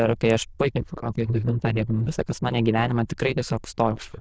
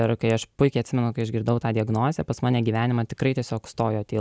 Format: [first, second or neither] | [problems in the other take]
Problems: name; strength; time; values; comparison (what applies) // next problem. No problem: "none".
second | noise reduction (neural diffusion model UNIVERSE++)